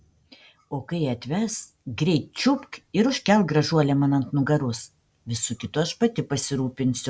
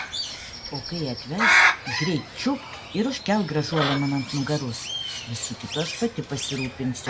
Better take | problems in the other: first | background sound (Bird); as loud as the speech

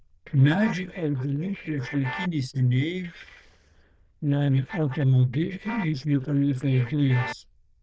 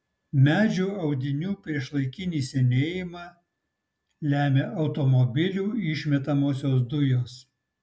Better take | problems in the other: second | noise reduction (neural diffusion model UNIVERSE++)

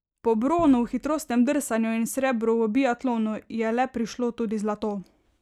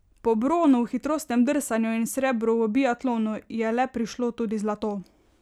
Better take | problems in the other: second | noise reduction (neural mask model DeepFilterNet 3)

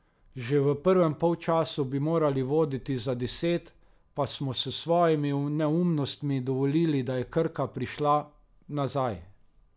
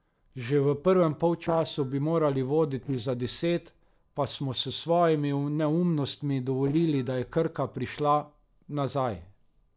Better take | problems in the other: first | noise reduction (neural separator model SepFormer DNS4)

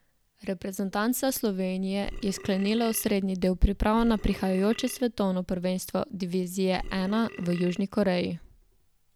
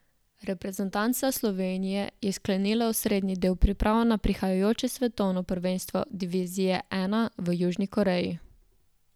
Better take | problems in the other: second | background sound (Burping, eructation); 14 dB below the speech

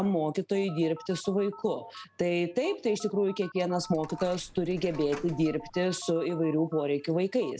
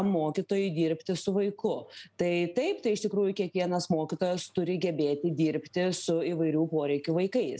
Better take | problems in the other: second | background sound (Coin (dropping) + Telephone); 19 dB below the speech

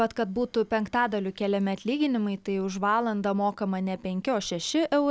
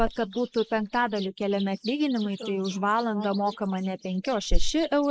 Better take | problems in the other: first | noise reduction (neural mask model Resemble Enhance denoiser)

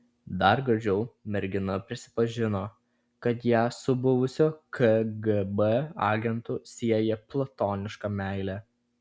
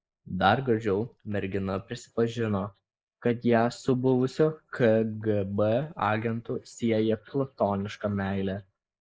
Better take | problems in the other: first | noise reduction (neural mask model Resemble Enhance denoiser)

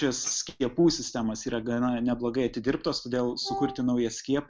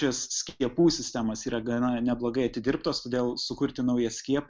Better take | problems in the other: second | background sound (Tambourine + Wind instrument, woodwind instrument); 11 dB below the speech

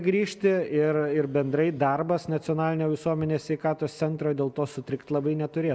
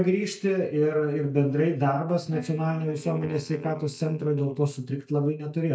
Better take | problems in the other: first | noise reduction (neural mask model DeepFilterNet 3)

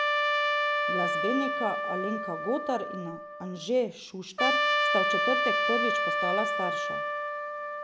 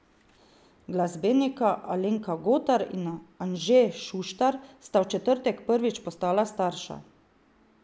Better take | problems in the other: second | background sound (Trumpet); 5 dB above the speech

